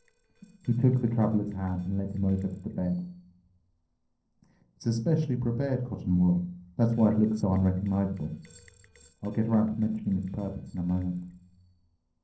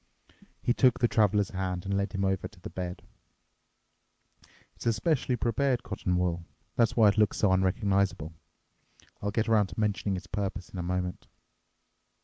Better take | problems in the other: second | noise reduction (neural separator model SepFormer DNS4)

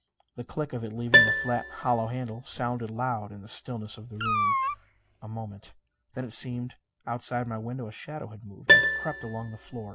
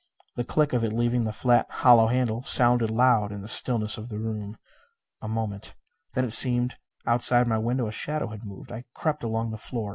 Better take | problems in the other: second | background sound (Piano + Meow); 4 dB above the speech

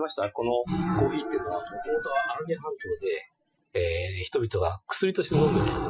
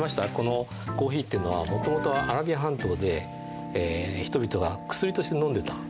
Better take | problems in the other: second | noise reduction (classical method Wiener filter)

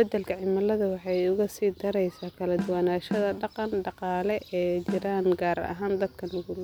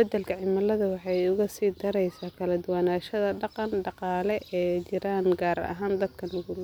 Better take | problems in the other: second | background sound (Snare drum); 8 dB below the speech

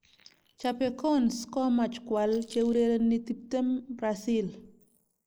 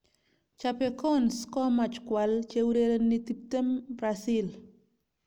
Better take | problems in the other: second | noise reduction (neural mask model Resemble Enhance denoiser)

